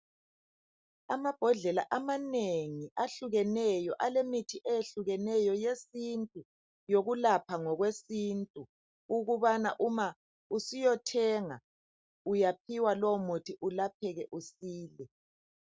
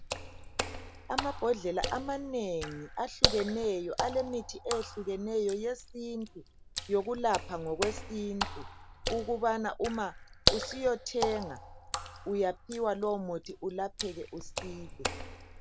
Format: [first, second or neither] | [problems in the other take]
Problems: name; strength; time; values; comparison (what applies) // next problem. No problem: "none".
first | background sound (Water / Splash, splatter); 3 dB below the speech